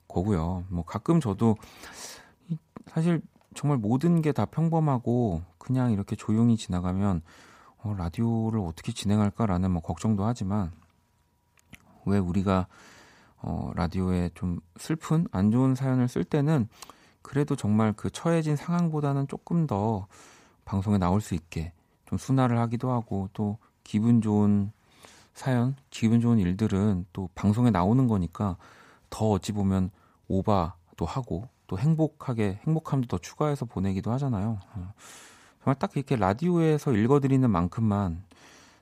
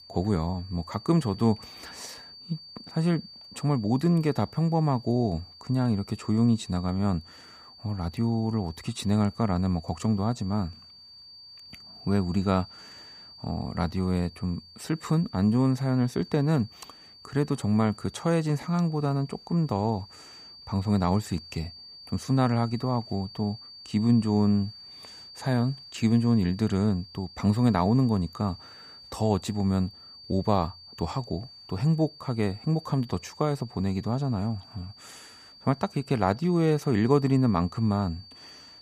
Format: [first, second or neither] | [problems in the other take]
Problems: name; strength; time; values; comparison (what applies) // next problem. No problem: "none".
first | high-pitched whine; noticeable; throughout; 4.5 kHz, 20 dB below the speech